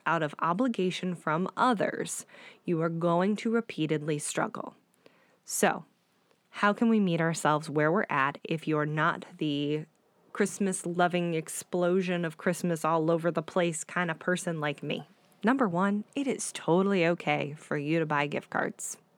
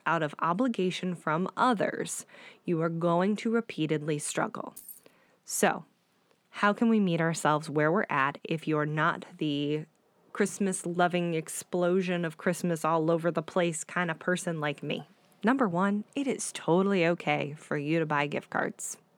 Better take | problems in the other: first | jangling keys; faint; at 5 s; peak 15 dB below the speech

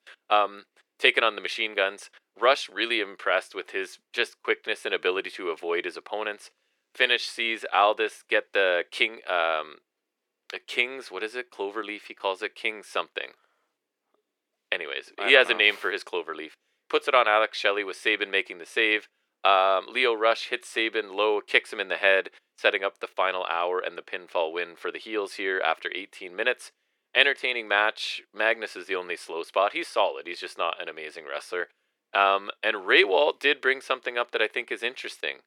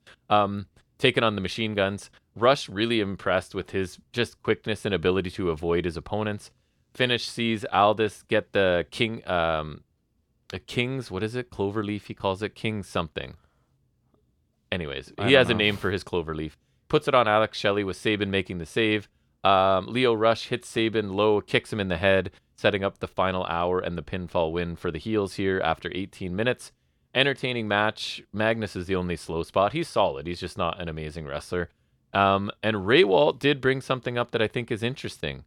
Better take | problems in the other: second | thin; very; fading below 350 Hz

